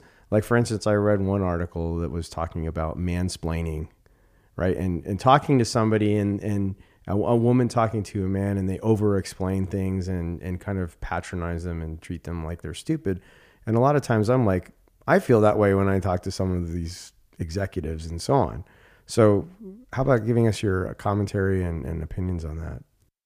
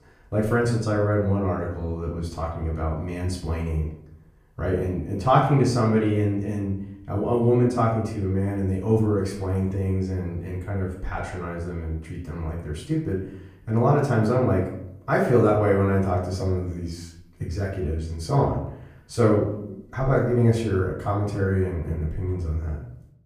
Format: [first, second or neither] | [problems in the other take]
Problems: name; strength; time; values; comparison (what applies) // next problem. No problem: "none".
first | room echo; noticeable; dies away in 0.6 s // off-mic speech; far